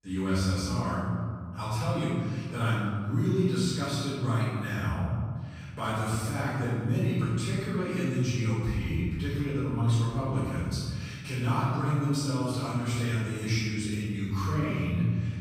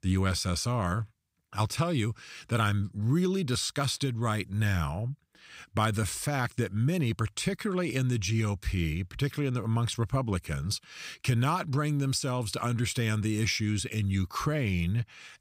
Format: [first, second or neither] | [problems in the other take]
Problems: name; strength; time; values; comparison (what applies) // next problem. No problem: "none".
second | off-mic speech; far // room echo; strong; dies away in 1.8 s